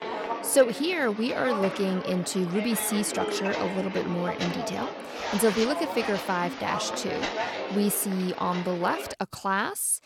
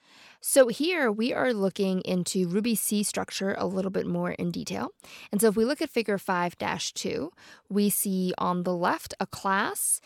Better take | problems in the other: second | footsteps; noticeable; until 9 s; peak 2 dB below the speech

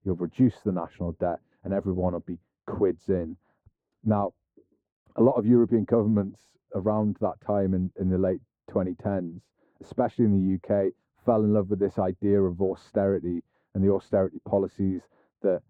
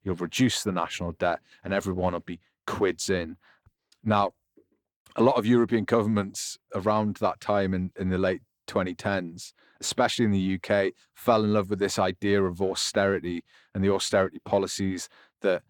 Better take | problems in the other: second | muffled; very; fading above 1.5 kHz

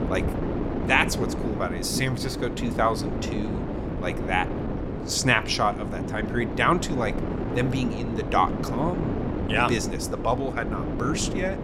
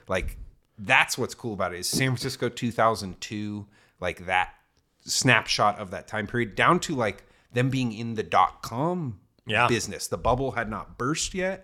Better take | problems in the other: second | wind noise on the microphone; heavy; 8 dB below the speech

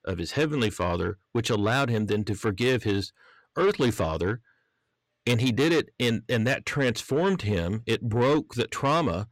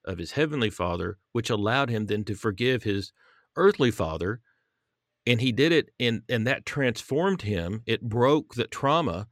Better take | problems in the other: second | distortion; slight; 10 dB below the speech

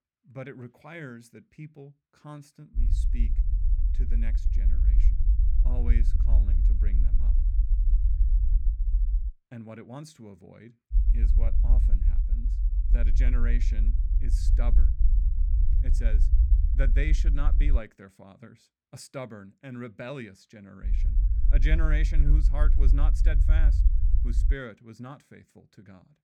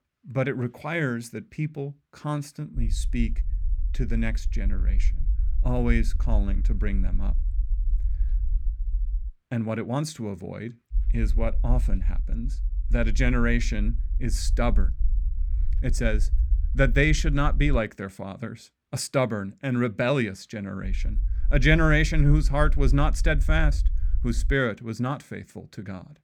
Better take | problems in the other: second | low rumble; loud; from 3 to 9.5 s, from 11 to 18 s and from 21 to 25 s; 7 dB below the speech; faint in the second

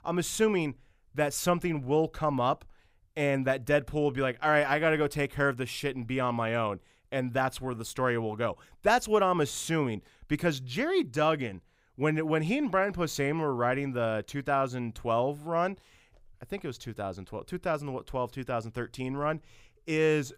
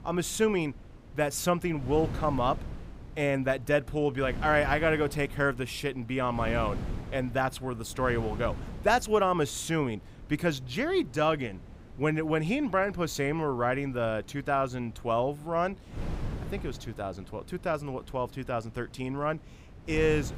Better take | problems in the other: first | wind noise on the microphone; occasional gusts; 20 dB below the speech

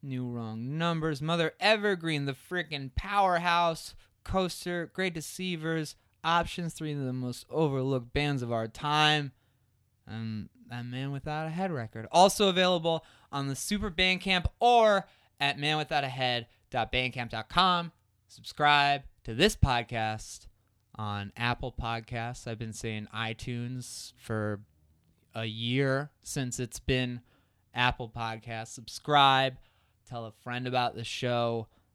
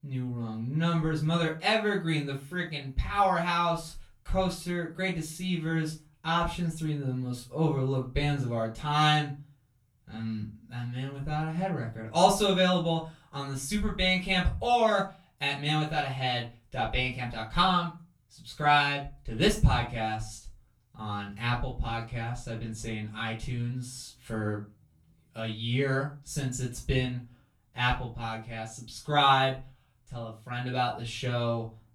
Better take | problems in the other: first | off-mic speech; far // room echo; slight; dies away in 0.3 s

